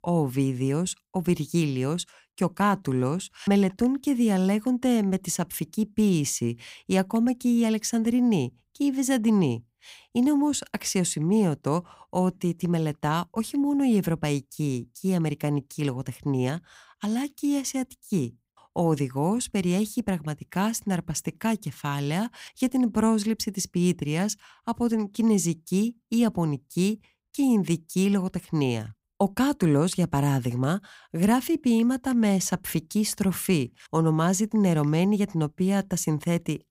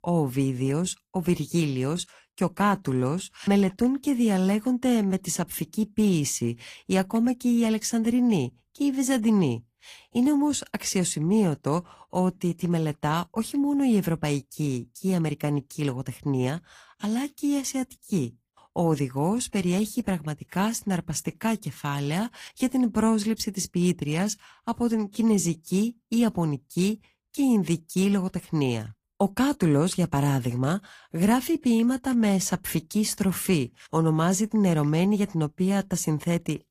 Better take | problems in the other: first | garbled, watery; slightly; nothing above 15.5 kHz

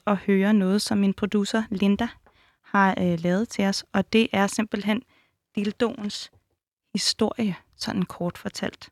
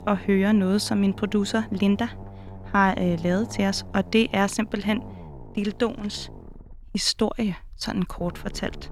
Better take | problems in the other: first | low rumble; noticeable; throughout; 20 dB below the speech

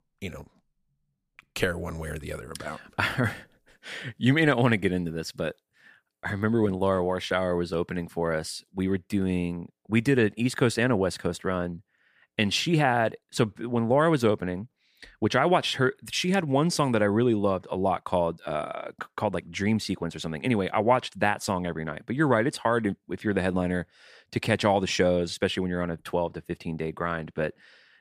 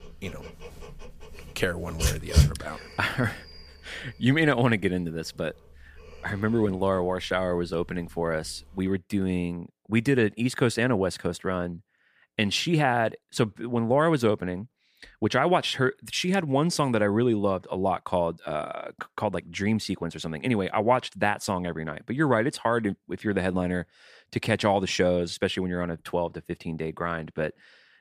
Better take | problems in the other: first | dog barking; loud; at 2 s; peak 4 dB above the speech

